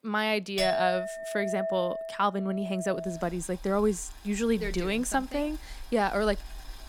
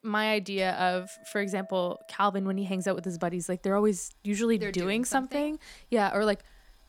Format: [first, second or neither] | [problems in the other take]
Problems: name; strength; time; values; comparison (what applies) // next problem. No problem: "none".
second | household noises; loud; throughout; 6 dB below the speech; faint in the second